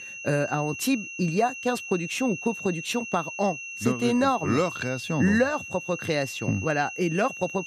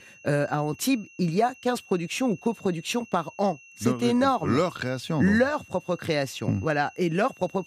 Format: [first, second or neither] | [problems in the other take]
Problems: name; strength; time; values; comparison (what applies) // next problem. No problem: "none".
second | high-pitched whine; loud; throughout; 2.5 kHz, 9 dB below the speech; faint in the second